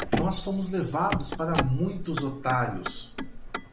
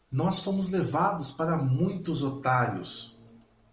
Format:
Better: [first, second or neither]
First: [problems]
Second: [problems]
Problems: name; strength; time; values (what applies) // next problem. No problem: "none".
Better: second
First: background sound (Motor vehicle (road)); 3 dB below the speech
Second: none